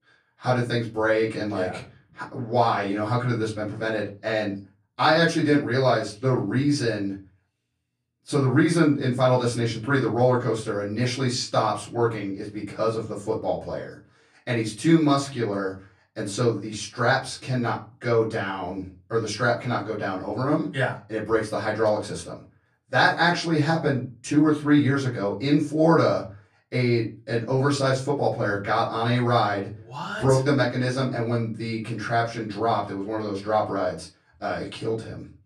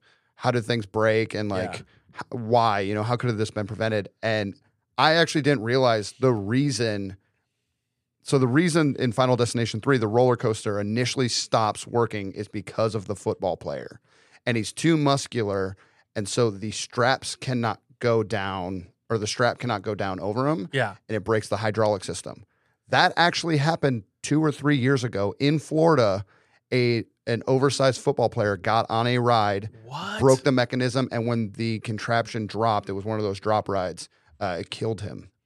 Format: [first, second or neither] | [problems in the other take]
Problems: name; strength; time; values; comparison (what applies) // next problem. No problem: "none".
second | off-mic speech; far // room echo; slight; dies away in 0.3 s